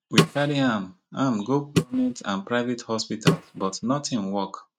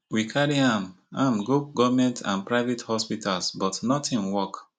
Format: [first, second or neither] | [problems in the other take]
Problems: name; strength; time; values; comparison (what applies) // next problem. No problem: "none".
second | noise reduction (neural mask model RNNoise)